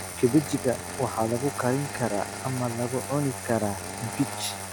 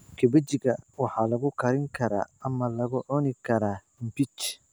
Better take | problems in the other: second | background sound (Engine starting); 8 dB below the speech

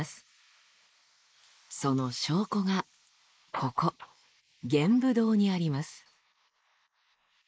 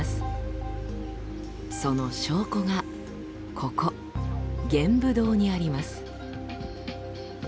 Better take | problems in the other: second | noise reduction (neural mask model Resemble Enhance denoiser)

